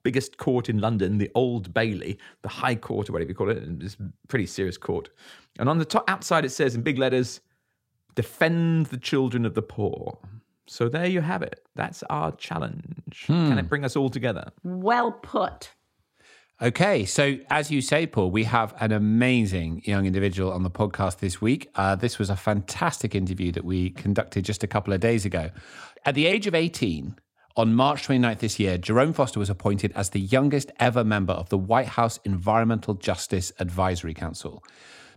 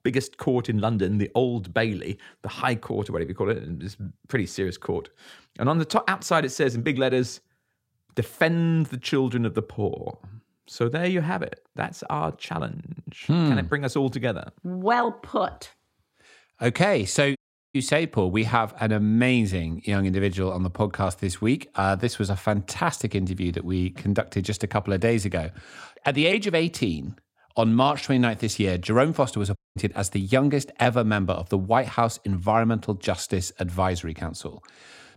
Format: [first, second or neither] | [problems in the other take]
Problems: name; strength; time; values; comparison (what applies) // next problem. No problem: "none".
first | audio cutting out; at 17 s and at 30 s